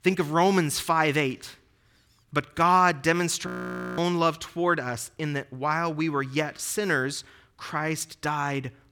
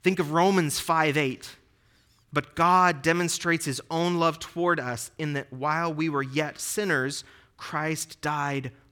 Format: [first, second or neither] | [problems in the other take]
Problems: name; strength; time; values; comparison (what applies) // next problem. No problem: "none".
second | audio freezing; at 3.5 s for 0.5 s